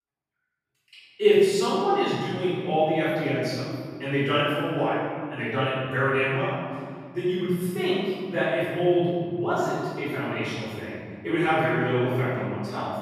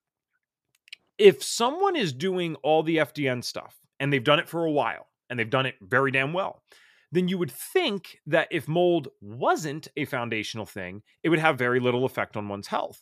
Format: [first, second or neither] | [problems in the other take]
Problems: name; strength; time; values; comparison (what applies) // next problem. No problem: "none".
second | off-mic speech; far // room echo; strong; dies away in 2.1 s